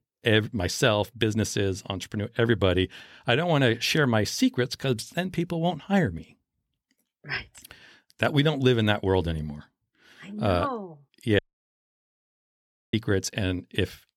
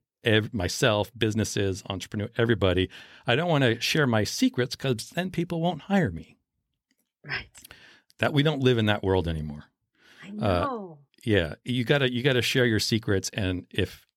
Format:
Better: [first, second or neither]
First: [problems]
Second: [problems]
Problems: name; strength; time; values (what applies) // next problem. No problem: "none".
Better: second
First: audio cutting out; at 11 s for 1.5 s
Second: none